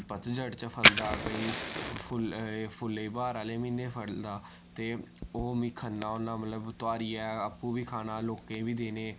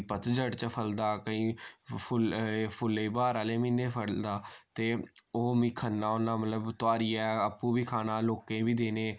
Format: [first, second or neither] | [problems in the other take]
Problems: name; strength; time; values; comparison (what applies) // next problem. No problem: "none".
second | background sound (Fire); 1 dB below the speech